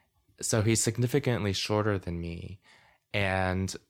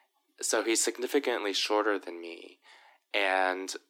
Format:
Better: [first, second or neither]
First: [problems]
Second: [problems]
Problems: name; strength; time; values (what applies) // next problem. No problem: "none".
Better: first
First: none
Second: thin; very; fading below 300 Hz